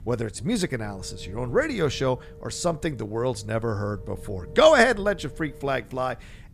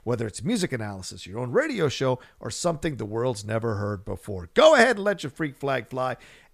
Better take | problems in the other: second | low rumble; faint; throughout; 25 dB below the speech

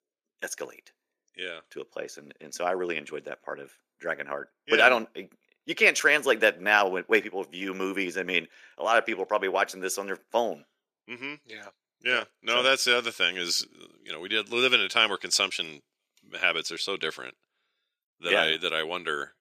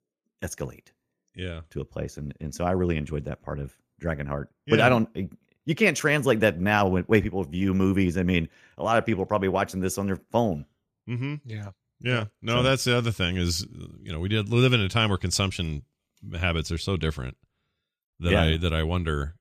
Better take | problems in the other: second | thin; very; fading below 350 Hz

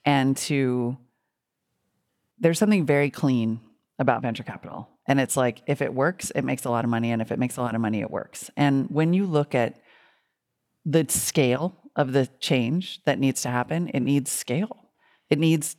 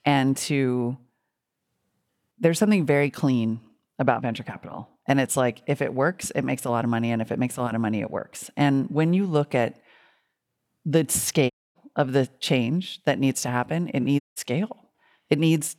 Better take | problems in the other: first | audio cutting out; at 12 s and at 14 s

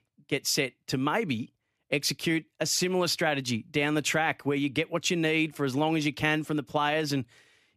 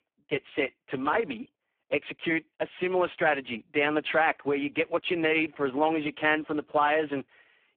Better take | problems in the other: first | phone-call audio; poor line

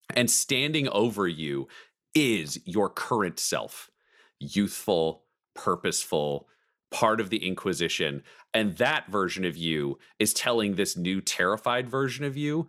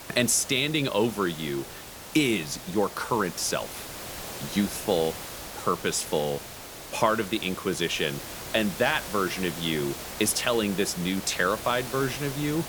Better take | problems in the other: first | hiss; noticeable; throughout; 10 dB below the speech

